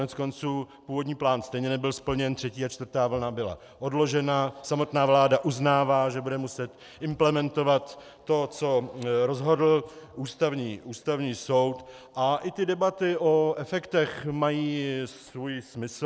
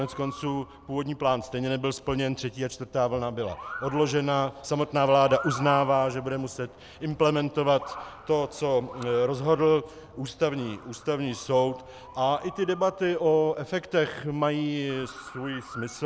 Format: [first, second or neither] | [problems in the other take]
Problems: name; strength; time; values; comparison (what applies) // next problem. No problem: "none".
first | background sound (Motor vehicle (road) / Siren); 17 dB below the speech